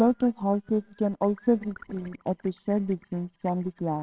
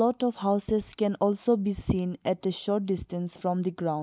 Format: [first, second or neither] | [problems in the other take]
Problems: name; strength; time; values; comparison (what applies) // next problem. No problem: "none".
second | noise reduction (neural separator model SepFormer WHAMR!)